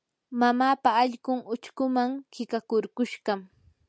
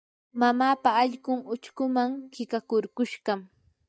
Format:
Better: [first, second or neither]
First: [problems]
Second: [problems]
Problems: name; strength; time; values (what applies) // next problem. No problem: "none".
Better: first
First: none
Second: noise reduction (neural mask model DeepFilterNet 3)